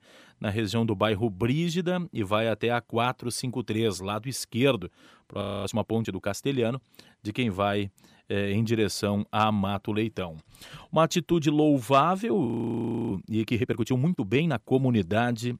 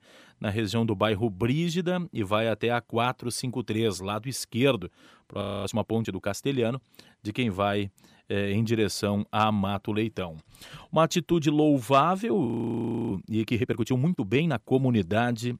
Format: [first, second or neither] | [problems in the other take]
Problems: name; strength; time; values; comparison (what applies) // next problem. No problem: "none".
neither | audio freezing; at 5.5 s and at 12 s for 0.5 s; the same in both